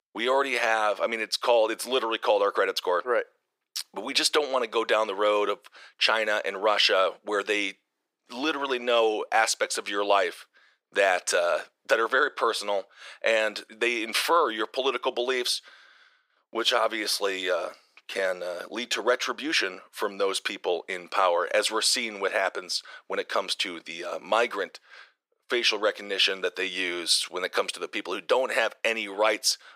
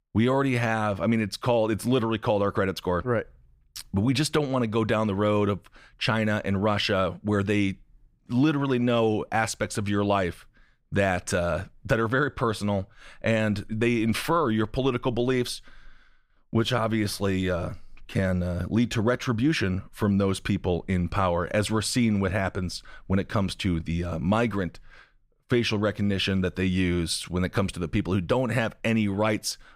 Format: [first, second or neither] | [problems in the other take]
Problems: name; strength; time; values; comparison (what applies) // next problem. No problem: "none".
second | thin; very; fading below 400 Hz